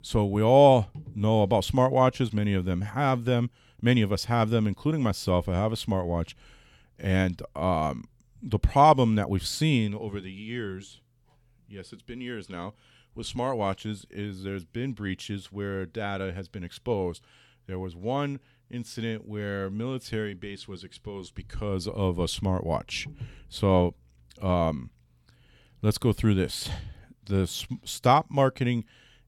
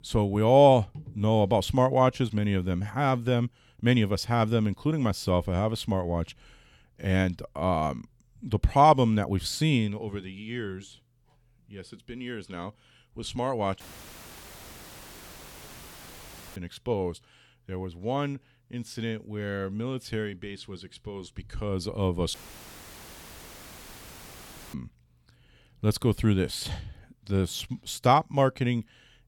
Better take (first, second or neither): first